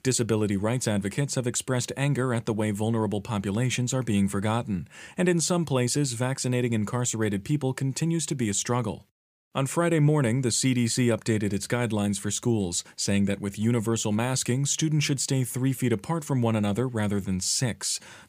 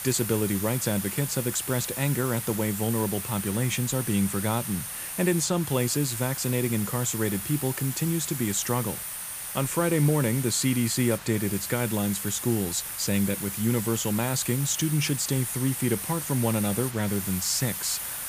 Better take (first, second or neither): first